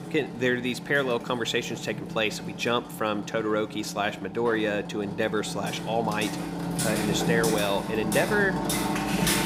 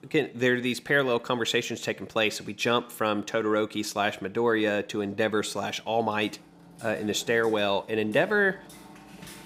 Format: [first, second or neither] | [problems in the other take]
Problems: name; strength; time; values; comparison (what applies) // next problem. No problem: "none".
second | machinery noise; loud; throughout; 4 dB below the speech; faint in the second